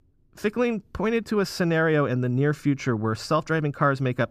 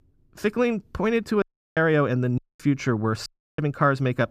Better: first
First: none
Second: audio cutting out; at 1.5 s, at 2.5 s and at 3.5 s

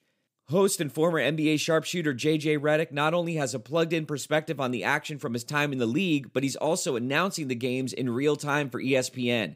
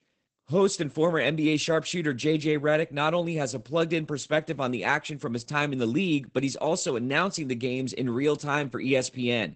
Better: first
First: none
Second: garbled, watery; badly; nothing above 8 kHz

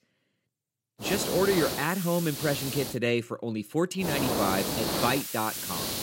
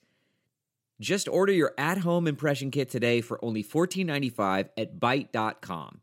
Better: second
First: hiss; very faint; from 1 to 3 s and from 4 s on; 2 dB below the speech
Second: none

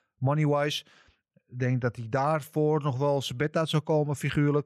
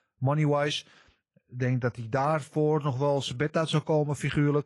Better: first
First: none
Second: garbled, watery; slightly; nothing above 11 kHz

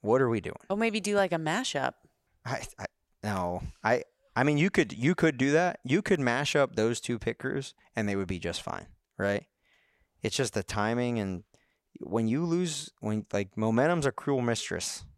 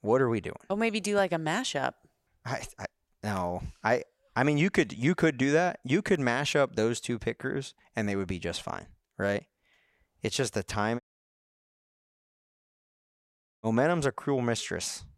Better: first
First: none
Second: audio cutting out; at 11 s for 2.5 s

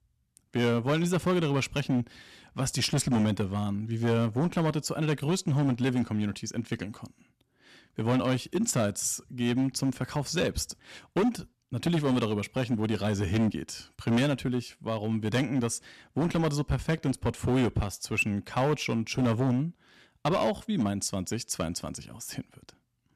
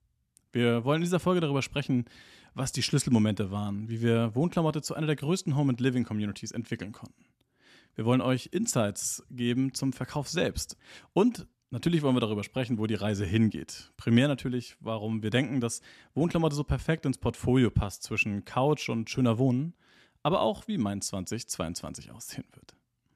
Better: second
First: distortion; slight; 8% of the sound clipped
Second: none

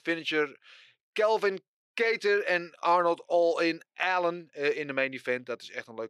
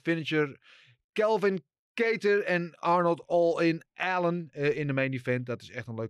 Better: second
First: thin; somewhat; fading below 400 Hz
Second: none

